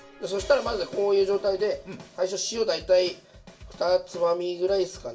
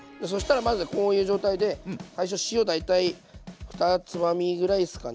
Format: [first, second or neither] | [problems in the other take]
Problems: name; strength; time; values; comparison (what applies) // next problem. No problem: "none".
second | room echo; dies away in 0.2 s